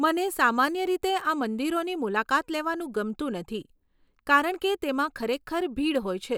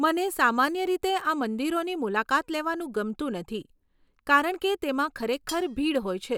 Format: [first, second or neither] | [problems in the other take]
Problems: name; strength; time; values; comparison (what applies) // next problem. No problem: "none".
first | background sound (Cutlery, silverware); 16 dB below the speech